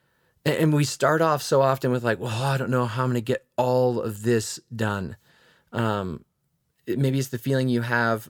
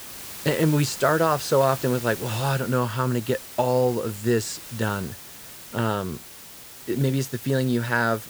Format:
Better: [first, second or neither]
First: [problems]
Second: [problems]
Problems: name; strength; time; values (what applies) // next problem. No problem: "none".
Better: first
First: none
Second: hiss; noticeable; throughout; 15 dB below the speech